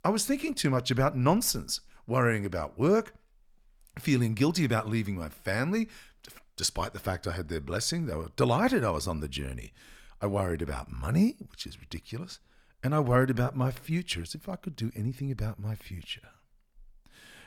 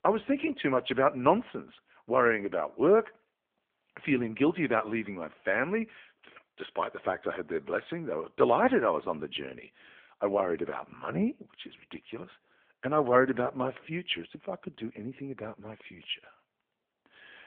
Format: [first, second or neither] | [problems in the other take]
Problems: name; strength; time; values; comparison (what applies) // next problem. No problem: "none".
first | phone-call audio; nothing above 3.5 kHz